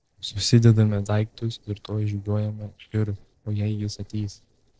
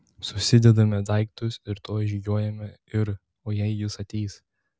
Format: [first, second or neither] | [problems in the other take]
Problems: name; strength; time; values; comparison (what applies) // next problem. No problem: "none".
second | noise reduction (neural separator model SepFormer DNS4)